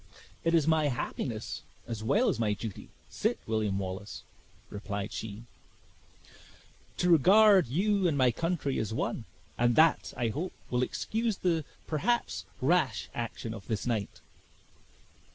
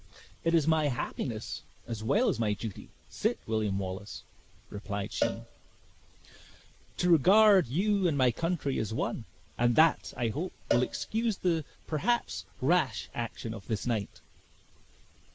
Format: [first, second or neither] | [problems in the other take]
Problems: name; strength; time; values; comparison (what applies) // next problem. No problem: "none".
first | background sound (Cowbell); 10 dB below the speech